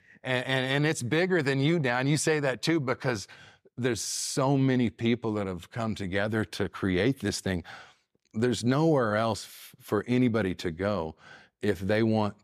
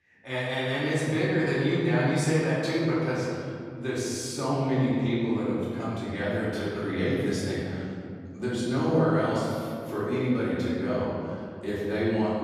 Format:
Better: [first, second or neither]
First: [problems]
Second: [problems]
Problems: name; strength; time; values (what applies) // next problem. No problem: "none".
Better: first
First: none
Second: off-mic speech; far // room echo; strong; dies away in 2.2 s